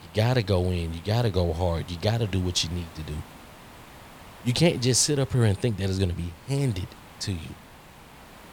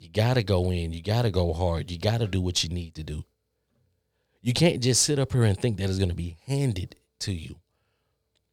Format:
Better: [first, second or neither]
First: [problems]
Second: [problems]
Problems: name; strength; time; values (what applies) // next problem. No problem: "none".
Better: second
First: hiss; faint; throughout; 20 dB below the speech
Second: none